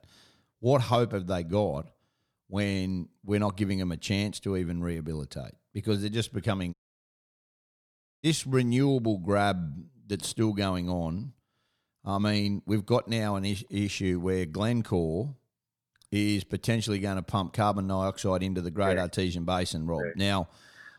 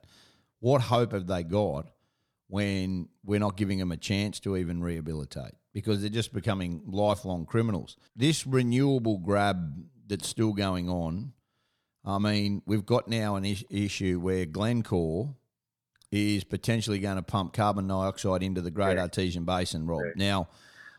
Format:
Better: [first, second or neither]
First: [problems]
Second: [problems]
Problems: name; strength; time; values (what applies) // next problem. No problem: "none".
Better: second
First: audio cutting out; at 6.5 s for 1.5 s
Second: none